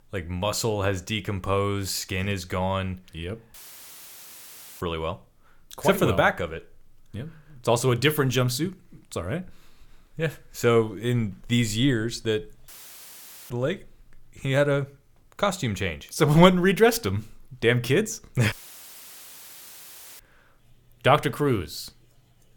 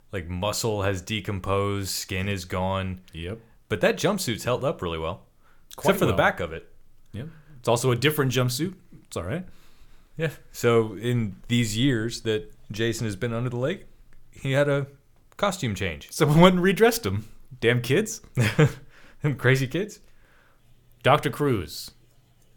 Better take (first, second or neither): second